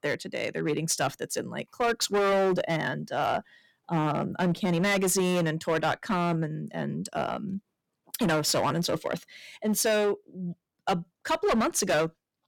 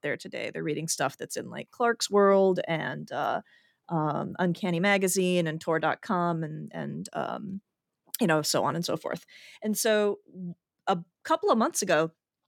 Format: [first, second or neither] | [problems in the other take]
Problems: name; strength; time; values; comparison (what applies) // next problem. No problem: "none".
second | distortion; heavy; 10% of the sound clipped